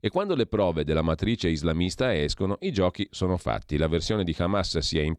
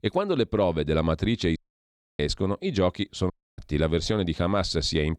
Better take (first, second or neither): first